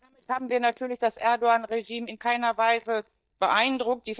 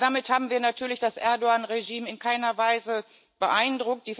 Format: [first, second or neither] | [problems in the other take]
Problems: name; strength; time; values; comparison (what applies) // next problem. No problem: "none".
second | noise reduction (neural mask model DeepFilterNet 3)